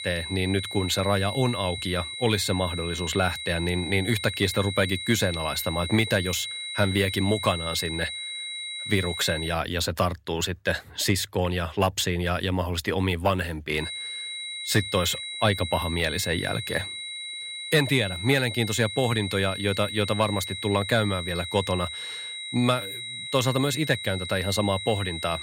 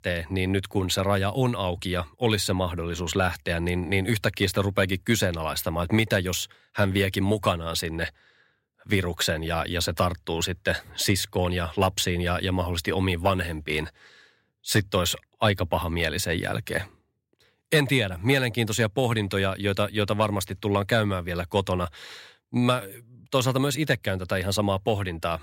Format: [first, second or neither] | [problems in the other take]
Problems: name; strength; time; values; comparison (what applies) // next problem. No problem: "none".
second | high-pitched whine; loud; until 9.5 s and from 14 s on; 4 kHz, 6 dB below the speech